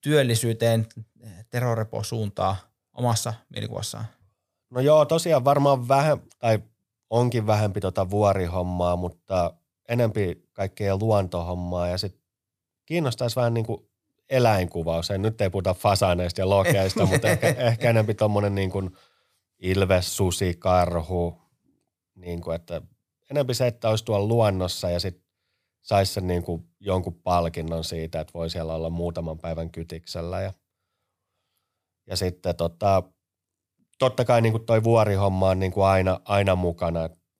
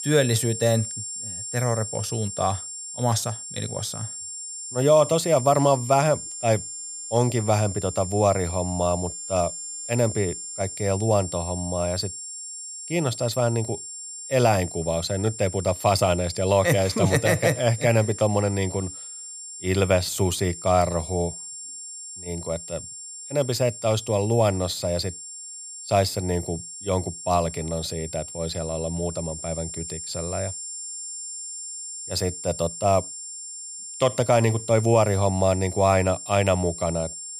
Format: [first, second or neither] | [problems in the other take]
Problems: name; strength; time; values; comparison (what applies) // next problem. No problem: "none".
first | high-pitched whine; loud; throughout; 7.5 kHz, 9 dB below the speech